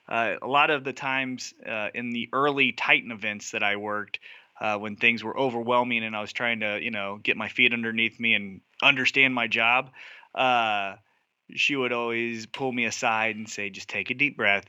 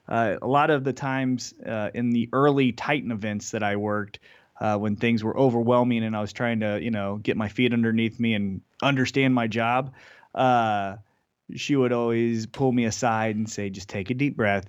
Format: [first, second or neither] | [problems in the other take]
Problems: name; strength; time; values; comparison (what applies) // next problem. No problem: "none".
second | thin; very slightly; fading below 400 Hz